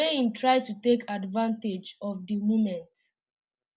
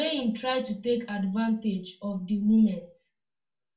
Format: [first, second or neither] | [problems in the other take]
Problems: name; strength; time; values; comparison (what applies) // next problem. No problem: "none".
first | room echo; dies away in 0.2 s